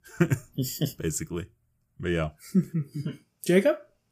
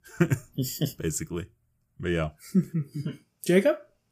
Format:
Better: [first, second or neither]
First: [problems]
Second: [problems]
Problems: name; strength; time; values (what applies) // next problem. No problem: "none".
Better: neither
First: none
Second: none